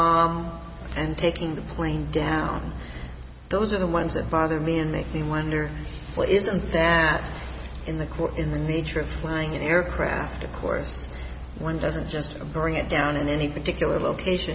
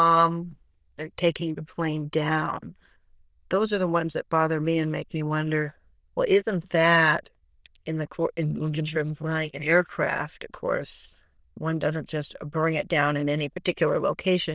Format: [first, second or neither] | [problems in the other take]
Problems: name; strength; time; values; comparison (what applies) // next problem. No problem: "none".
first | noise reduction (neural diffusion model UNIVERSE++)